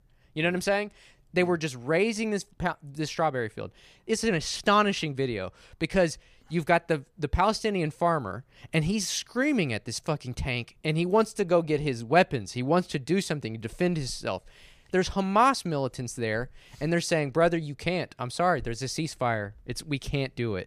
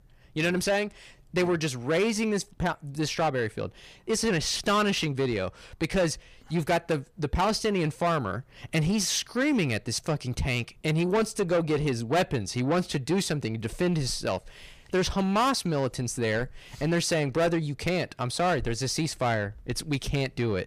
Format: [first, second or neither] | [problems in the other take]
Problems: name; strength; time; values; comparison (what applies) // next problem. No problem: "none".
first | distortion; heavy; 8 dB below the speech